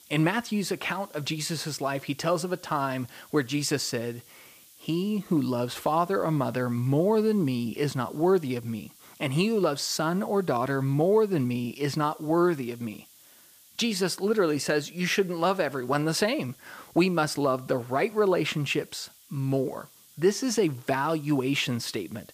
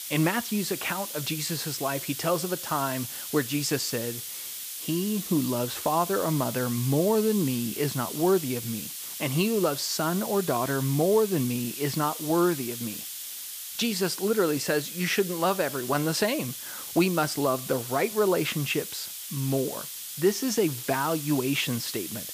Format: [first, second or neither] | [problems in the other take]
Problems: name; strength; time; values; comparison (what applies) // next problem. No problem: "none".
first | hiss; loud; throughout; 7 dB below the speech; faint in the first